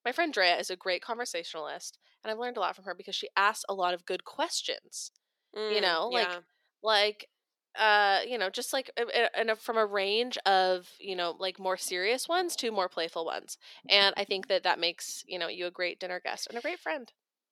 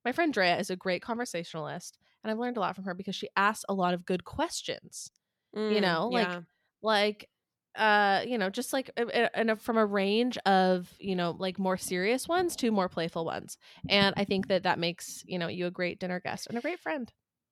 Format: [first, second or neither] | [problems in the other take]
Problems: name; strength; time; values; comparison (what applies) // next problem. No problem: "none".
second | thin; somewhat; fading below 350 Hz